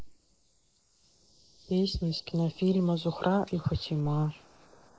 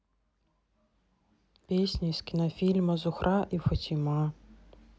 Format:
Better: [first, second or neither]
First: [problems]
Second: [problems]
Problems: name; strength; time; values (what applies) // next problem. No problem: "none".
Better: second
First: noise reduction (neural mask model Resemble Enhance denoiser)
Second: none